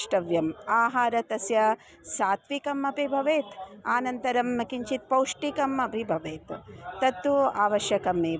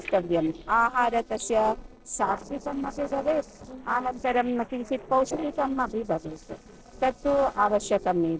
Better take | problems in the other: first | noise reduction (neural separator model SepFormer DNS4)

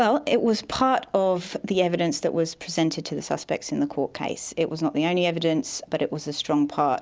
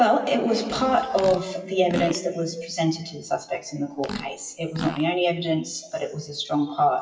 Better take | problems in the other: first | noise reduction (classical method WPE with log-MMSE)

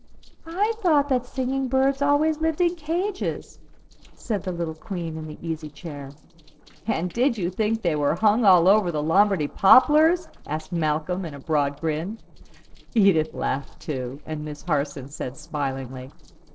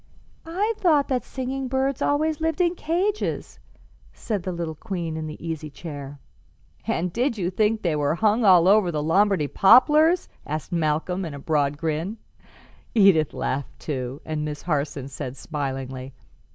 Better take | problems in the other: second | noise reduction (neural separator model SepFormer DNS4)

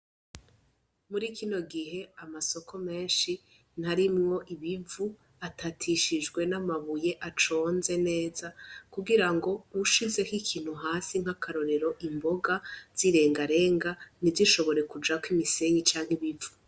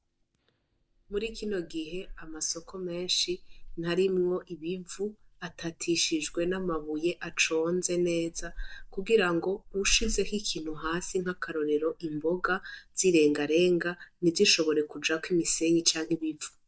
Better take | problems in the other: first | noise reduction (neural mask model DeepFilterNet 3)

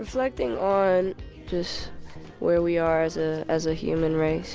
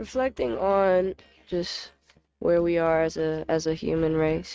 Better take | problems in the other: first | noise reduction (neural mask model RNNoise)

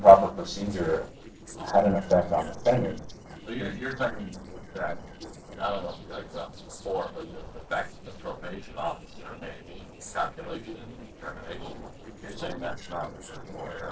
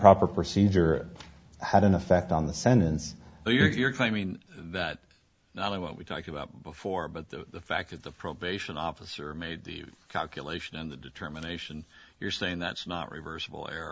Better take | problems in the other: second | noise reduction (neural separator model SepFormer DNS4)

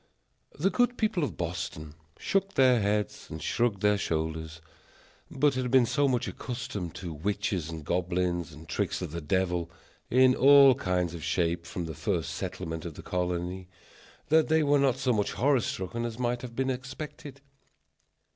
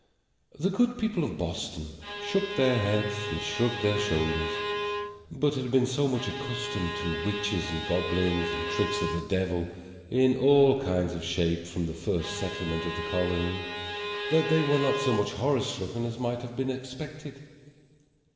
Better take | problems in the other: first | background sound (Bowed string instrument); 5 dB below the speech // room echo; dies away in 2.9 s

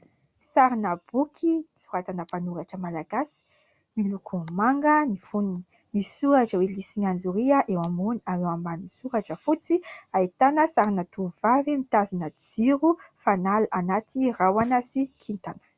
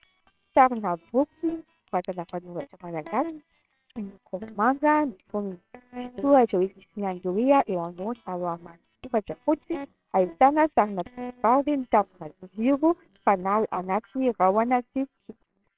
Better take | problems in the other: first | noise reduction (neural separator model SepFormer WHAMR!)

